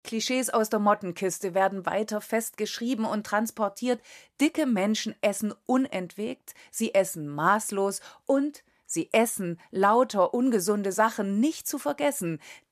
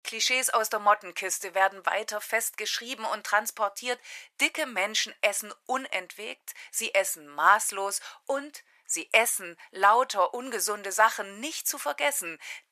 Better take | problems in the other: first | thin; very; fading below 850 Hz

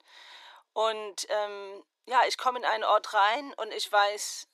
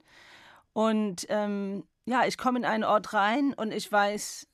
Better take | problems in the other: second | thin; very; fading below 400 Hz

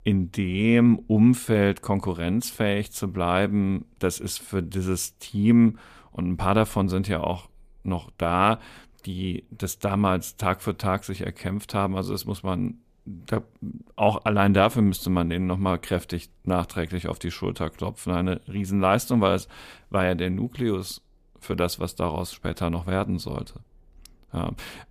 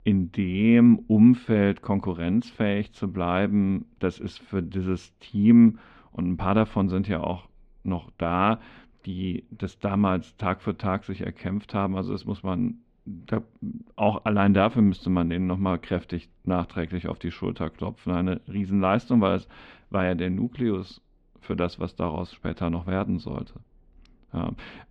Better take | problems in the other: first | muffled; slightly; fading above 3.5 kHz

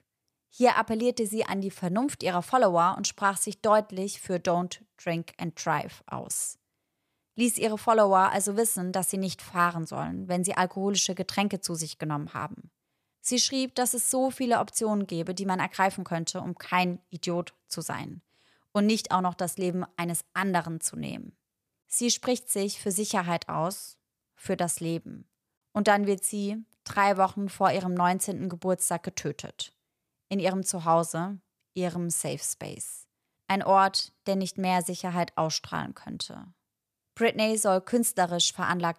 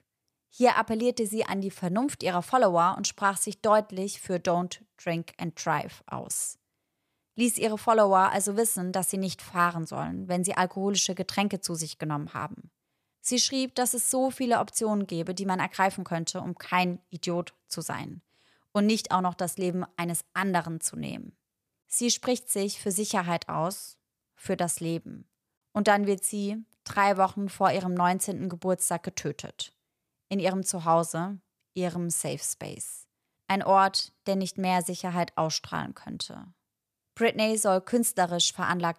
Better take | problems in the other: neither | none

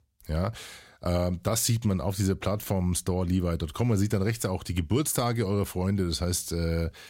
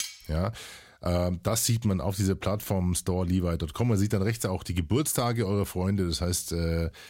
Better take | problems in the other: first | clattering dishes; noticeable; at the start; peak 8 dB below the speech

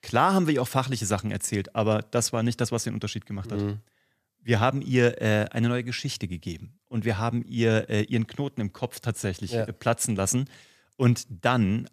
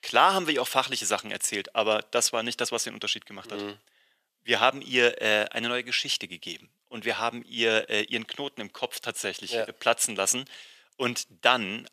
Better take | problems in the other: first | thin; very; fading below 450 Hz

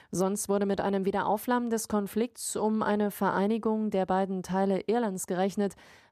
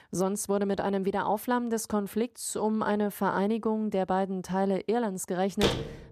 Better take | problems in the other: first | door banging; noticeable; at 5.5 s; peak level with the speech

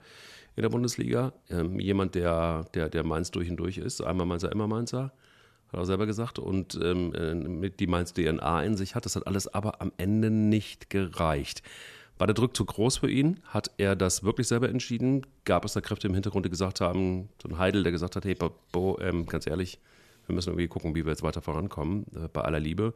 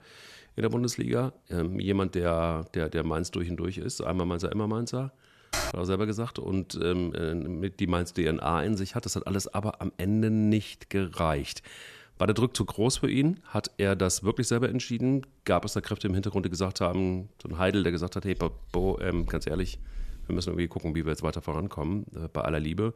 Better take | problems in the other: first | keyboard typing; noticeable; at 5.5 s; peak 2 dB below the speech // door banging; faint; from 18 to 20 s; peak 10 dB below the speech

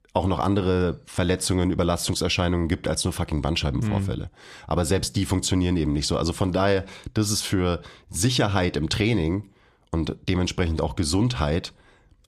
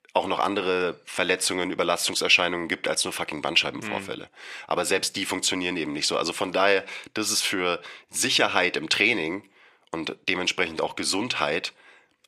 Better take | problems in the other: first | thin; somewhat; fading below 400 Hz

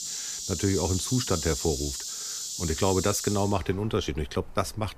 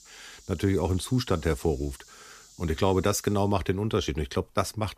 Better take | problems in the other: second | animal sounds; loud; throughout; 3 dB below the speech; faint in the second

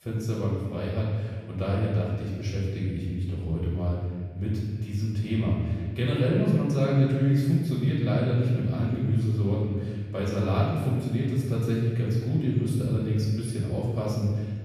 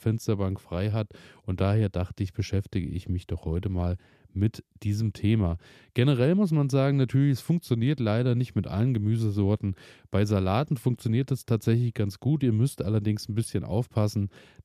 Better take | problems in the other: second | room echo; strong; dies away in 1.7 s // off-mic speech; far

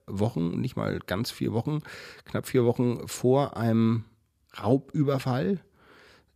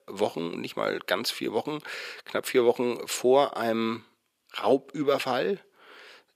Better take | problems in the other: first | thin; somewhat; fading below 450 Hz

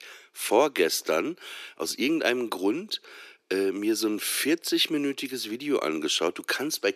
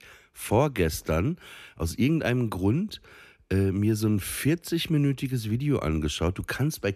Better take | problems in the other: second | thin; somewhat; fading below 350 Hz

